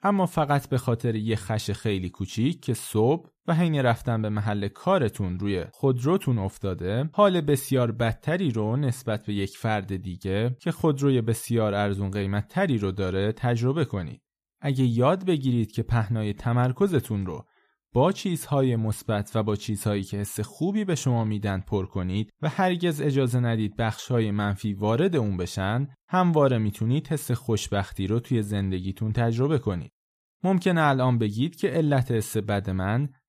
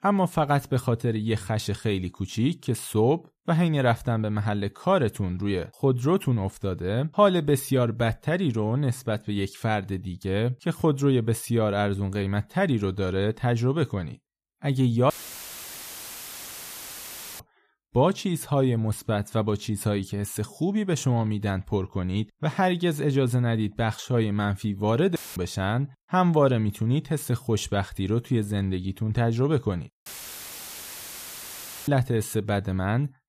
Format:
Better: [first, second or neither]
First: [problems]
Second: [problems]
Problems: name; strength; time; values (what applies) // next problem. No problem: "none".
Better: first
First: none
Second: audio cutting out; filled with static; at 15 s for 2.5 s, at 25 s and at 30 s for 2 s